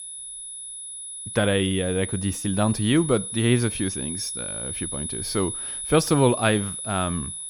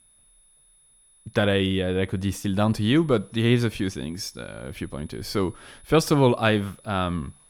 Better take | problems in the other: second | high-pitched whine; loud; throughout; 10 kHz, 6 dB below the speech; faint in the second

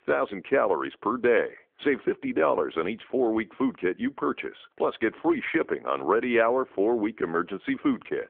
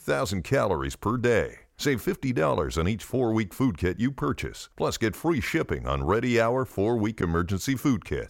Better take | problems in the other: second | phone-call audio; nothing above 3.5 kHz

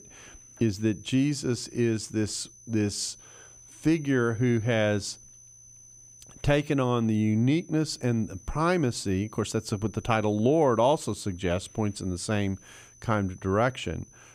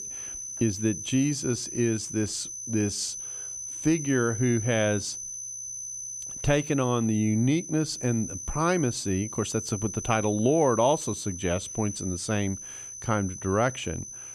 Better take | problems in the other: first | high-pitched whine; loud; throughout; 6 kHz, 8 dB below the speech; faint in the first

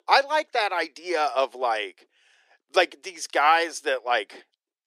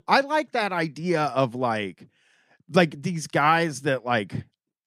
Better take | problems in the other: second | thin; very; fading below 350 Hz

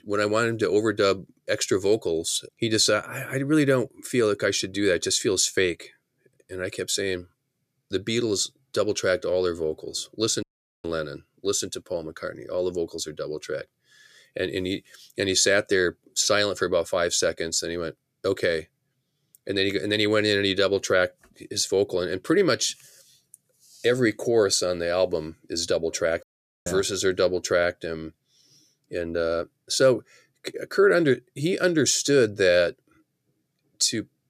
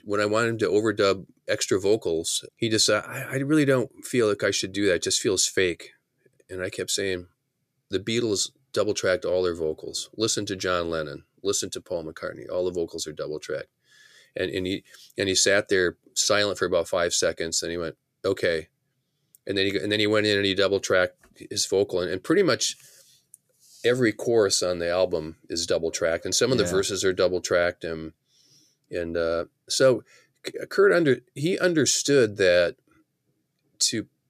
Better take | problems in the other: second | audio cutting out; at 10 s and at 26 s

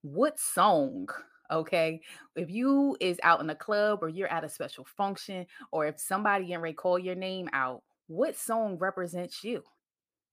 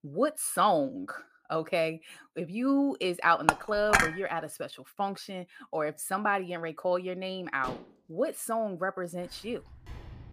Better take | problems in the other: first | clattering dishes; loud; at 3.5 s; peak 5 dB above the speech // clattering dishes; faint; at 7.5 s; peak 15 dB below the speech // footsteps; faint; from 9 s on; peak 15 dB below the speech

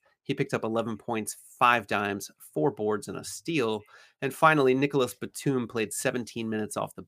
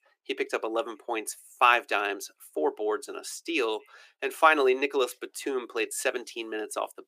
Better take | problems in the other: first | thin; somewhat; fading below 350 Hz

